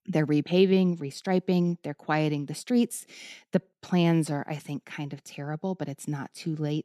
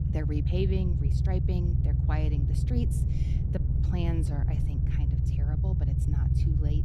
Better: first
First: none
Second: low rumble; loud; throughout; as loud as the speech

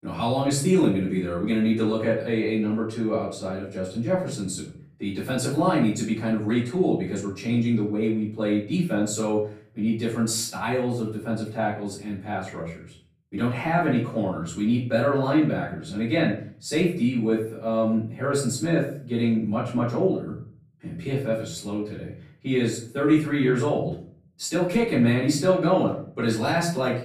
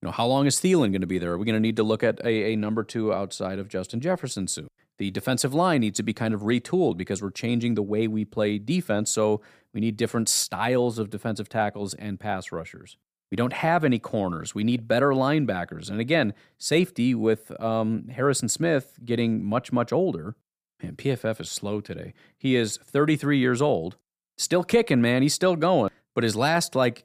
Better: second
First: off-mic speech; far // room echo; noticeable; dies away in 0.5 s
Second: none

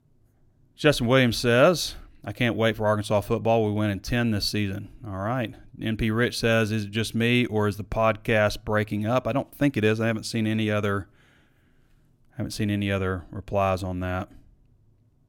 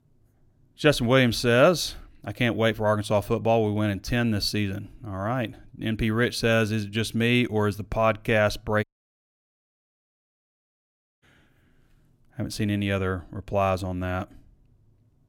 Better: first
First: none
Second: audio cutting out; at 9 s for 2.5 s

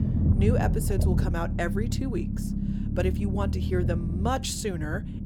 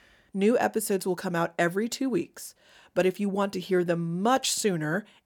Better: second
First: low rumble; loud; throughout; 6 dB below the speech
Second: none

